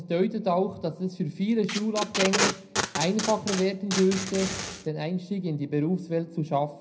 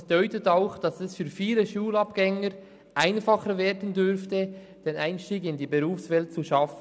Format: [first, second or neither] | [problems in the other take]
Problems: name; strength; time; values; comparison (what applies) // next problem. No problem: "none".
second | background sound (Packing tape, duct tape); 4 dB below the speech // room echo; dies away in 0.3 s